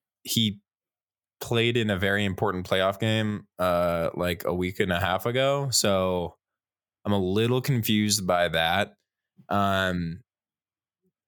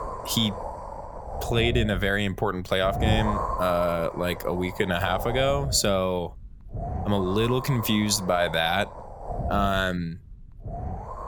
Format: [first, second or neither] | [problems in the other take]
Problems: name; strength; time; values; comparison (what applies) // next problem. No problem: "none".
first | wind noise on the microphone; heavy; 8 dB below the speech